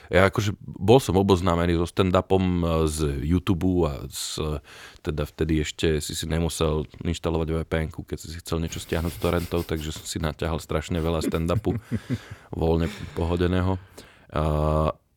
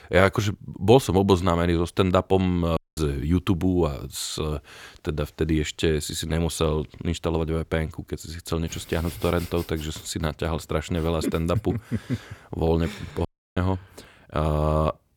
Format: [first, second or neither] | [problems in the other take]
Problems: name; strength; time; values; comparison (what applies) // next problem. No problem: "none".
first | audio cutting out; at 3 s and at 13 s